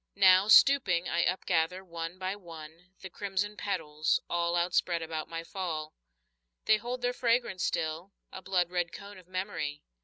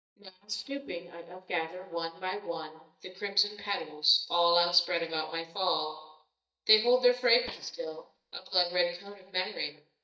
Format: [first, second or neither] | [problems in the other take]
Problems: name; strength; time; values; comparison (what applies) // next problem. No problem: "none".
first | noise reduction (neural mask model DeepFilterNet 3)